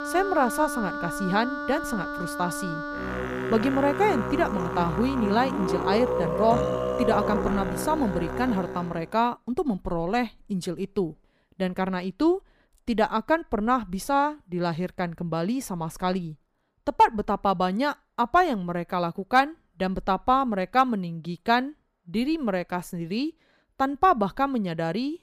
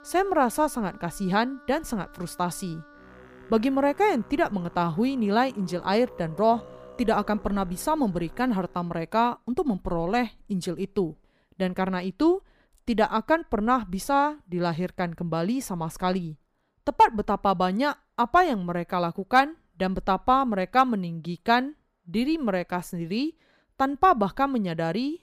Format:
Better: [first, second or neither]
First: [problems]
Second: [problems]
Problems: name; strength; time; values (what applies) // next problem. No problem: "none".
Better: second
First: background music; loud; until 9 s; 4 dB below the speech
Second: background music; faint; until 9 s; 20 dB below the speech